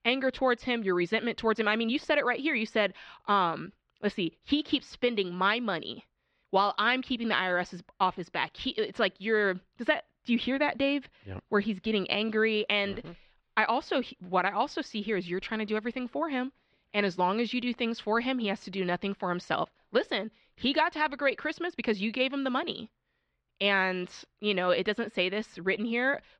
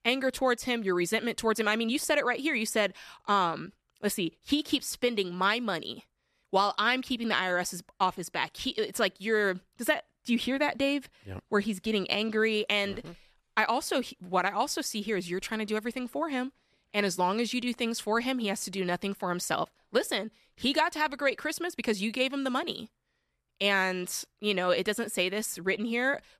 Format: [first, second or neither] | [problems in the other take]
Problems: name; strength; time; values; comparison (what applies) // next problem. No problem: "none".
second | muffled; very slightly; fading above 4 kHz